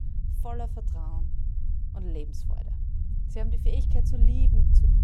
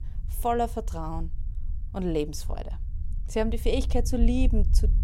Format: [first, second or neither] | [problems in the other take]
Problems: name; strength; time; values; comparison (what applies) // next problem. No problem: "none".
second | low rumble; loud; throughout; 3 dB below the speech; faint in the second